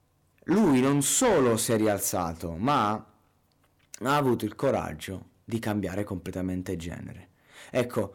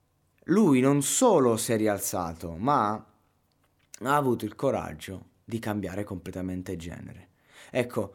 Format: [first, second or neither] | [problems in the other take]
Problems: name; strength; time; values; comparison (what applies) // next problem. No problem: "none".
second | distortion; slight; 6% of the sound clipped